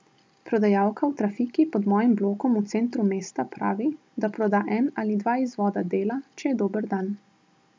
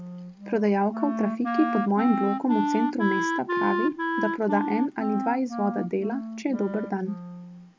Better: first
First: none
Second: background sound (Wind instrument, woodwind instrument); 3 dB below the speech

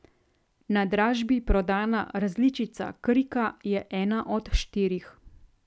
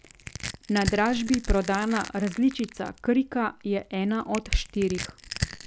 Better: first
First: none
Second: background sound (Crushing); 11 dB below the speech

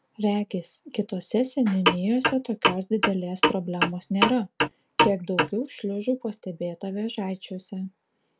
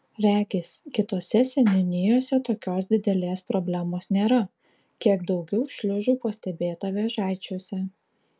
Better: second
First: background sound (Clock); 2 dB above the speech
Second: none

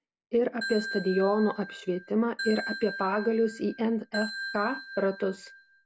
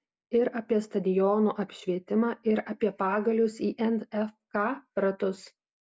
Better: second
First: background sound (Ringtone / Bell); 10 dB below the speech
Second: none

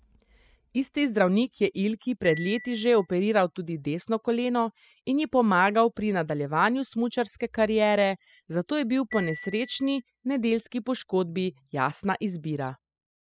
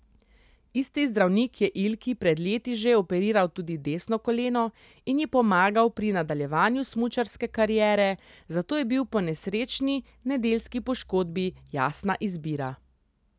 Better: second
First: noise reduction (classical method spectral subtraction)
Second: none

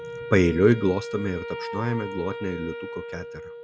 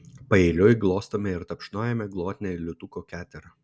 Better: second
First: background sound (Wind instrument, woodwind instrument); 10 dB below the speech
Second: none

